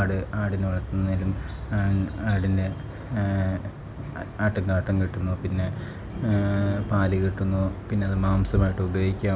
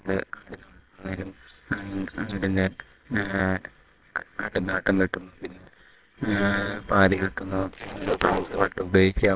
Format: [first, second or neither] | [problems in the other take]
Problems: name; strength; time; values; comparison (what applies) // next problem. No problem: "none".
first | noise reduction (neural separator model SepFormer WHAMR!)